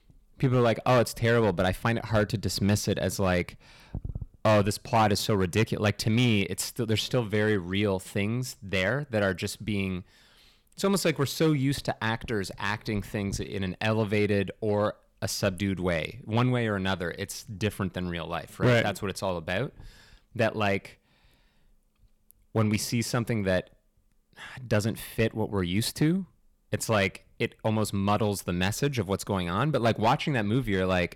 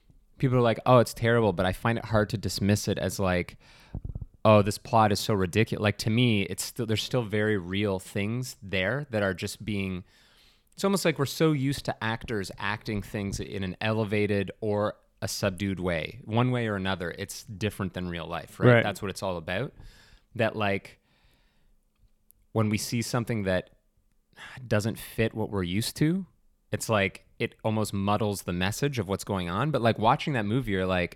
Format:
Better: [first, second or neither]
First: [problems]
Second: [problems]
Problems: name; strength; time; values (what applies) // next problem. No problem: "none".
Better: second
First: distortion; slight; 3% of the sound clipped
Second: none